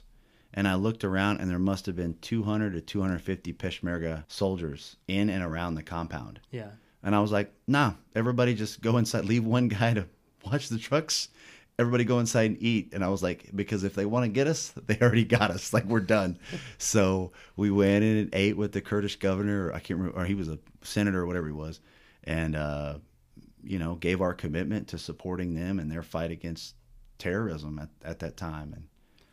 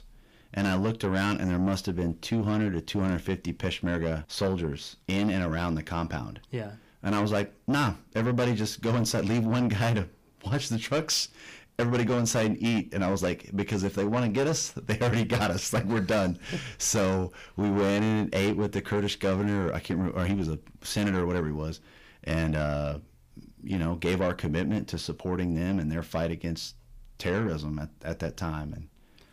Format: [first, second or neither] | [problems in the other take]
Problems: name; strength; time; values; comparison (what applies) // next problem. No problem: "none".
first | distortion; heavy; 7 dB below the speech